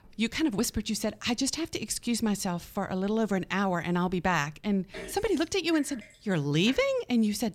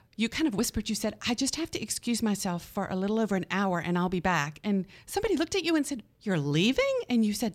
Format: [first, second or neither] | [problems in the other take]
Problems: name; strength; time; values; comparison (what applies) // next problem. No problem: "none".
second | household noises; noticeable; throughout; 20 dB below the speech